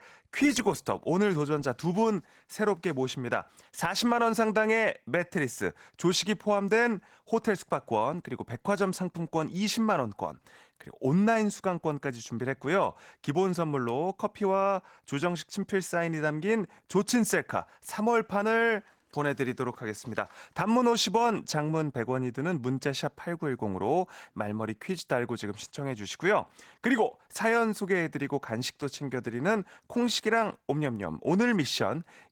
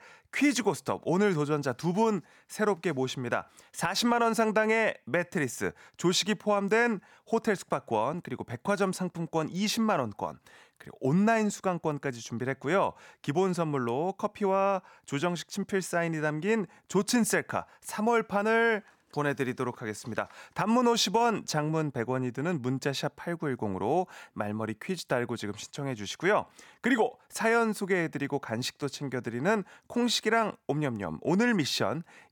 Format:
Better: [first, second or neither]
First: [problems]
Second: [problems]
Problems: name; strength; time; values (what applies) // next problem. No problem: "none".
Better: second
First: garbled, watery; slightly; nothing above 18 kHz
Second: none